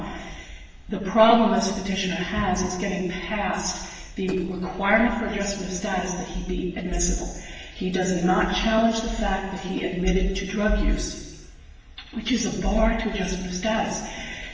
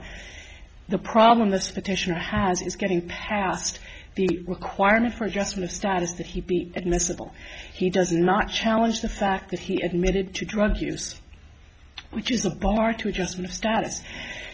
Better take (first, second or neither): second